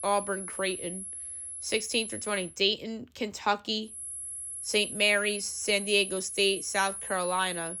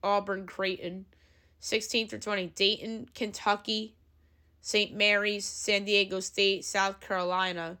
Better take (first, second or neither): second